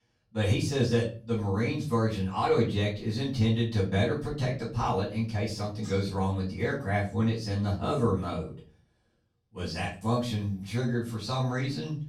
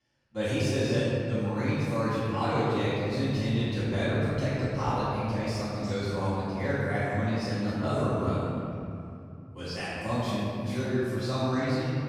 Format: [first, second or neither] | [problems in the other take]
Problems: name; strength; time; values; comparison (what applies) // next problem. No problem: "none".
first | room echo; strong; dies away in 2.7 s; slight in the first // off-mic speech; far; far in the first